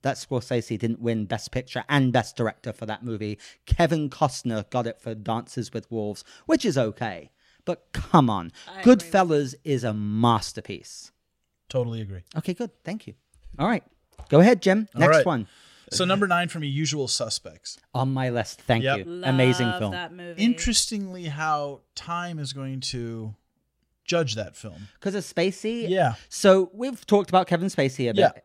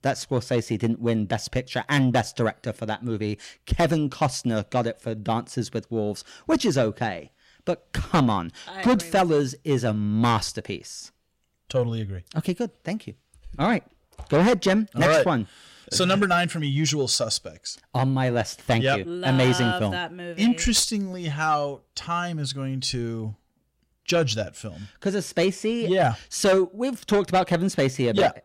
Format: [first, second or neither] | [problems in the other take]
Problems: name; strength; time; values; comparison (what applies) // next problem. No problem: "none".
first | distortion; heavy; 8 dB below the speech